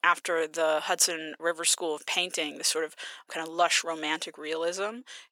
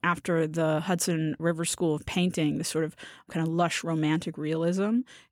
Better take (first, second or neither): second